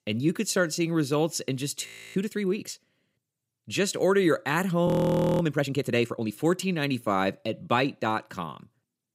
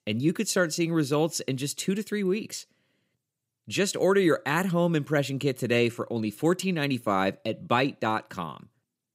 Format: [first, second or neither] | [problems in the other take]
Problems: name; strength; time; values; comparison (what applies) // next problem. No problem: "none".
second | audio freezing; at 2 s and at 5 s for 0.5 s